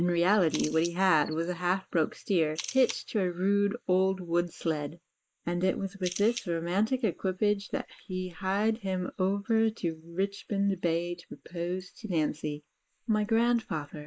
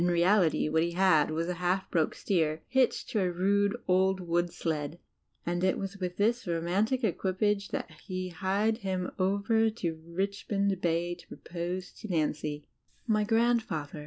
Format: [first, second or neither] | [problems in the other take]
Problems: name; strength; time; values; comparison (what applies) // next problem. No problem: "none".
second | noise reduction (neural mask model Resemble Enhance denoiser)